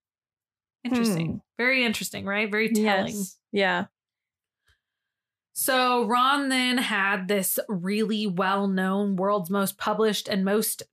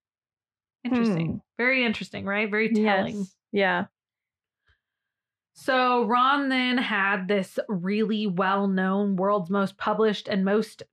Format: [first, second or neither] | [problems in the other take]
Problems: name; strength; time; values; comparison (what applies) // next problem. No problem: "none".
first | muffled; slightly; fading above 3 kHz